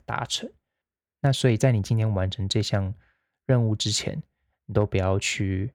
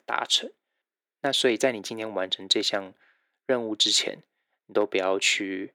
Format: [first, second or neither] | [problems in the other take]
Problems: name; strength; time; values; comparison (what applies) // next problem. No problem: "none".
first | thin; very; fading below 300 Hz